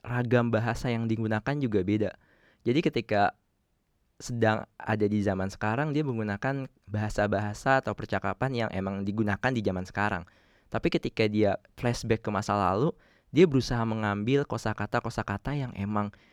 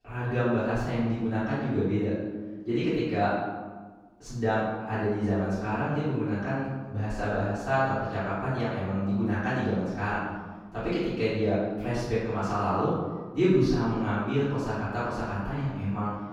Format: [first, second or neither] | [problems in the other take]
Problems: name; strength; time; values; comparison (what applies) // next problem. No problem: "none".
first | off-mic speech; far // room echo; strong; dies away in 1.3 s